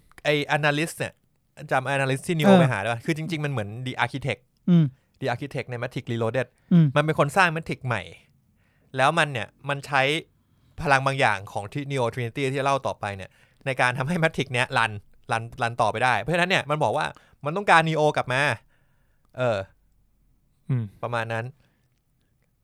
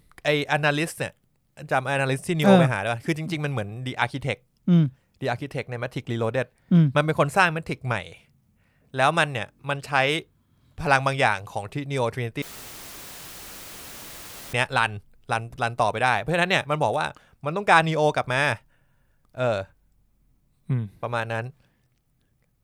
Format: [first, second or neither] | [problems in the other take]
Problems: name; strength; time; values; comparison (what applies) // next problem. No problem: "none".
first | audio cutting out; filled with static; at 12 s for 2 s